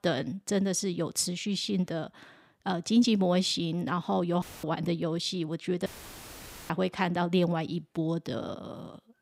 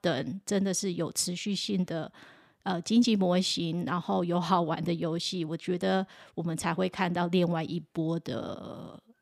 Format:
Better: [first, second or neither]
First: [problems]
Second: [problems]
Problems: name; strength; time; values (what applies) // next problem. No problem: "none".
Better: second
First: audio cutting out; filled with static; at 4.5 s and at 6 s for 1 s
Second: none